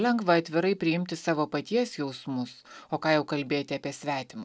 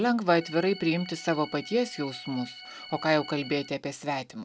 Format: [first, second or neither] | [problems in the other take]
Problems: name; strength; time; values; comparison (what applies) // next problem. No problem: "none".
first | background sound (Organ); 16 dB below the speech